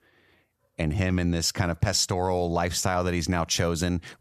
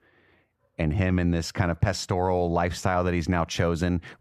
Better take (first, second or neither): first